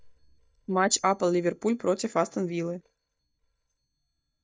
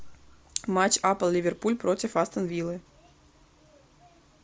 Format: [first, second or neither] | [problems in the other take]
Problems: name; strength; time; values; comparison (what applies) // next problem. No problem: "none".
second | noise reduction (neural mask model DeepFilterNet 3)